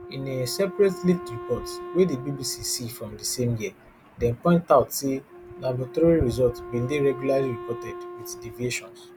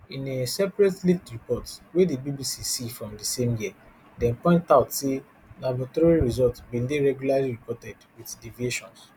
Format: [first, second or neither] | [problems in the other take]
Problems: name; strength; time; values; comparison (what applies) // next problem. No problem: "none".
second | background sound (Wind instrument, woodwind instrument); 14 dB below the speech